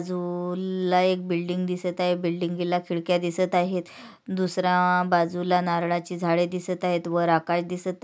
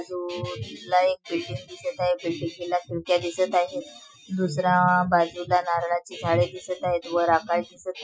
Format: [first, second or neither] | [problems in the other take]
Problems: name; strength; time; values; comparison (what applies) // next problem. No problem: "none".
first | noise reduction (classical method Wiener filter)